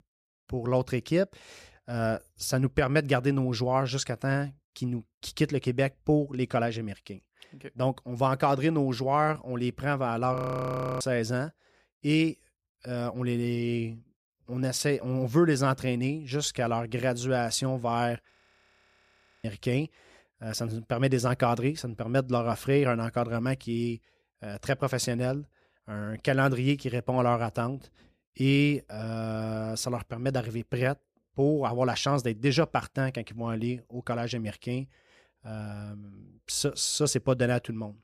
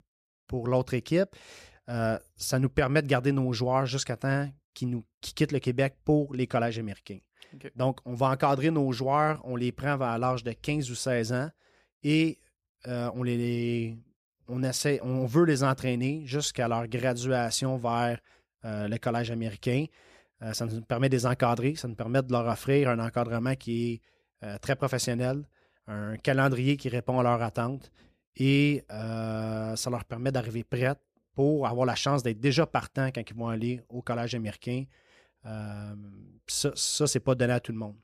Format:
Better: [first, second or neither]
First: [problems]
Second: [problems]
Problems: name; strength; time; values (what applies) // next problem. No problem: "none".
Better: second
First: audio freezing; at 10 s for 0.5 s and at 18 s for 1 s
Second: none